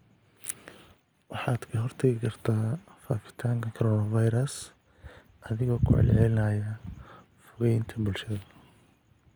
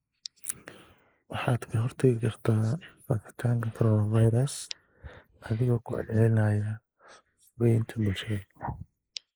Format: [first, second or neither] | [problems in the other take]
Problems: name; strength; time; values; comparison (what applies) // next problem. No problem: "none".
first | noise reduction (neural mask model Resemble Enhance denoiser)